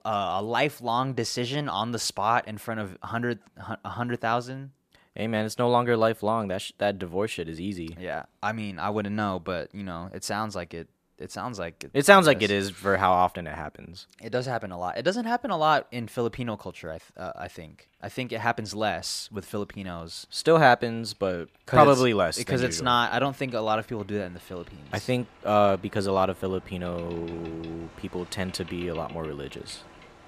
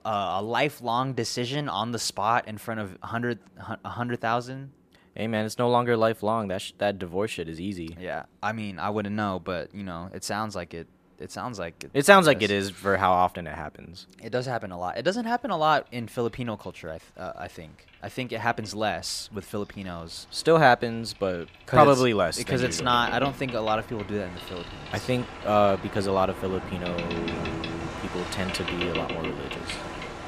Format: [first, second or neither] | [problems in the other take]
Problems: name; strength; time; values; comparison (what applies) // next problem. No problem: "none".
first | train or aircraft noise; loud; throughout; 9 dB below the speech; faint in the first